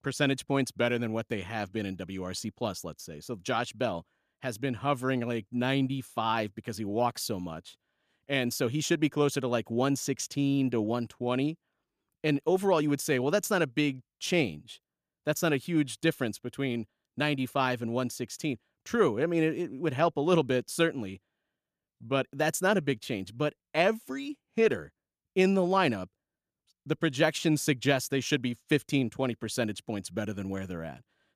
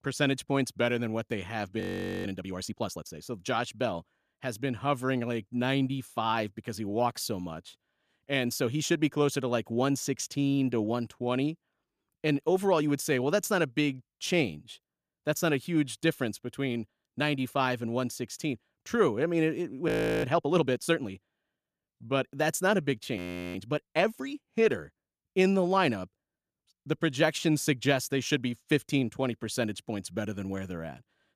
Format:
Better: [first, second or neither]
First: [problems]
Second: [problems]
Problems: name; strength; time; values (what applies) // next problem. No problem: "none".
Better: first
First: none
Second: audio freezing; at 2 s, at 20 s and at 23 s